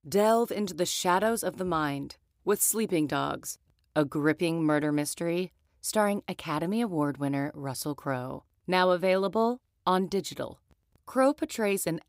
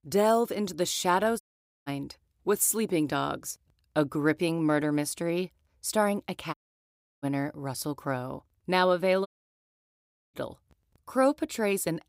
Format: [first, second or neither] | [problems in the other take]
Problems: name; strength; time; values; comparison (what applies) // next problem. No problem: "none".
first | audio cutting out; at 1.5 s, at 6.5 s for 0.5 s and at 9.5 s for 1 s